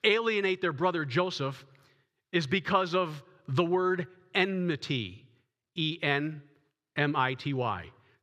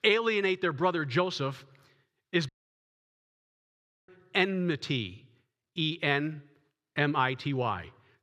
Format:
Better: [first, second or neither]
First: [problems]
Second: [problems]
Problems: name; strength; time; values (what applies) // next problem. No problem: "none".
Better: first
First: none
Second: audio cutting out; at 2.5 s for 1.5 s